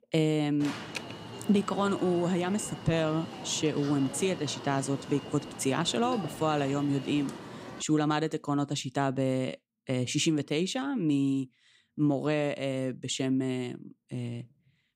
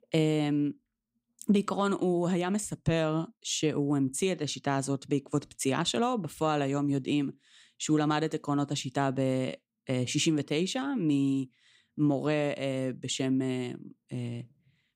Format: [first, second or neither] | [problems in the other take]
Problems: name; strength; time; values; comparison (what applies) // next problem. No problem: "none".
second | alarm; noticeable; from 0.5 to 8 s; peak 7 dB below the speech